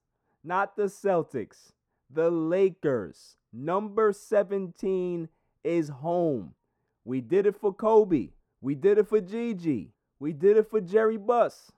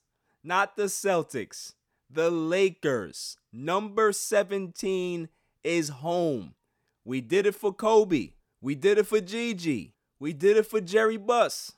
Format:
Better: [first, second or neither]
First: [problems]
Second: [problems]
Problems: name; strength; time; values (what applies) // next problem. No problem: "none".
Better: second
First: muffled; very; fading above 2 kHz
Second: none